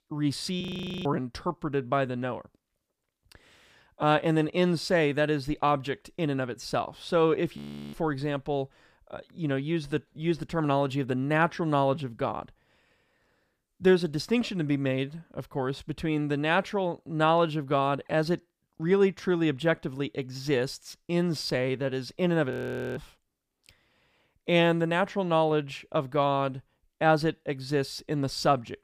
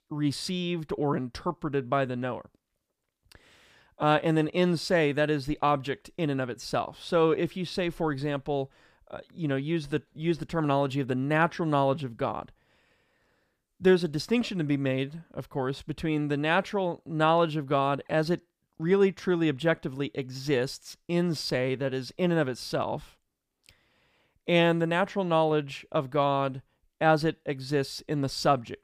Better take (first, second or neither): second